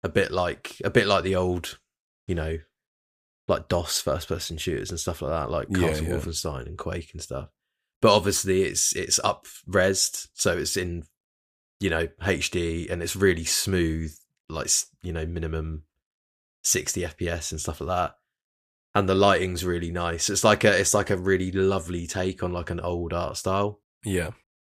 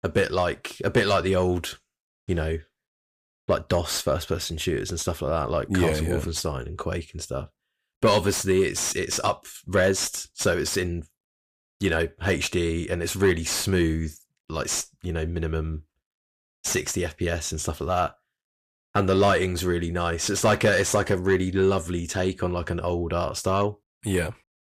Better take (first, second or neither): first